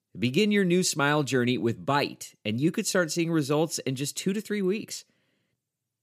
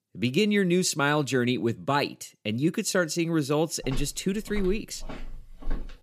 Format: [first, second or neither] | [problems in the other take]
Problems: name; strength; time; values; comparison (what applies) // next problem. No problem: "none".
first | footsteps; faint; from 4 s on; peak 15 dB below the speech